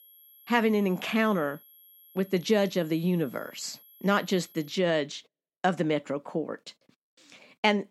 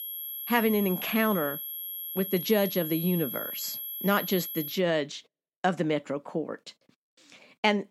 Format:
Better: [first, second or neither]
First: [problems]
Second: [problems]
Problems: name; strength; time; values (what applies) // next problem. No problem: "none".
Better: first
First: high-pitched whine; faint; until 4.5 s; 11.5 kHz, 25 dB below the speech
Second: high-pitched whine; loud; until 4.5 s; 11.5 kHz, 5 dB below the speech